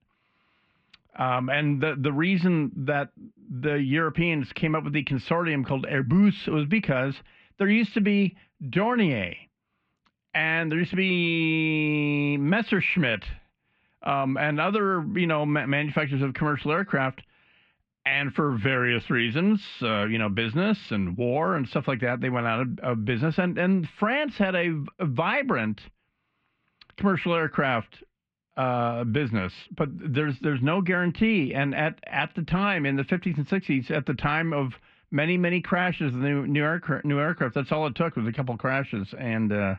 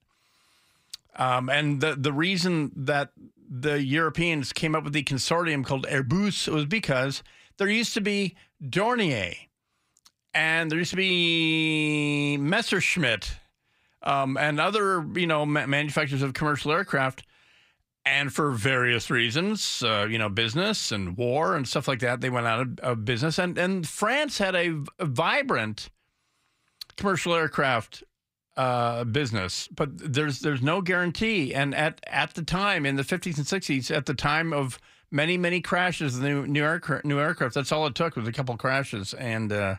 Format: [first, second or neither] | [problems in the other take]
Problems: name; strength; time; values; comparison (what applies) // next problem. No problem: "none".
second | muffled; very; fading above 2.5 kHz